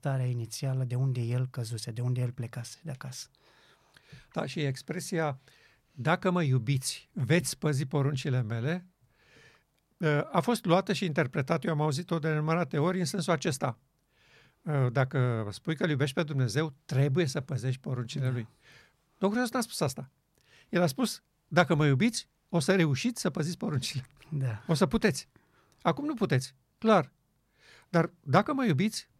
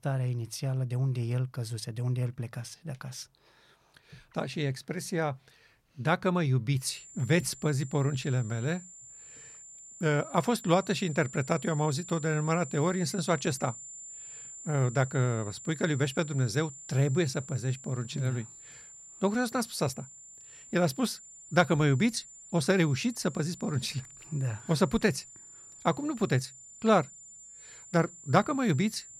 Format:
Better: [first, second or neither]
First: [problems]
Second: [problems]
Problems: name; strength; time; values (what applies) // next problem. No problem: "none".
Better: first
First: none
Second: high-pitched whine; noticeable; from 7 s on; 7 kHz, 15 dB below the speech